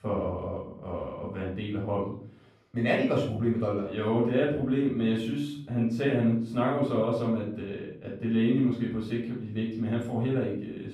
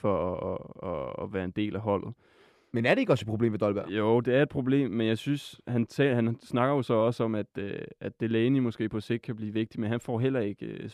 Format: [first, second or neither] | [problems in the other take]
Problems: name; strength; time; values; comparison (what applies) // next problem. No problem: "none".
second | off-mic speech; far // room echo; noticeable; dies away in 0.5 s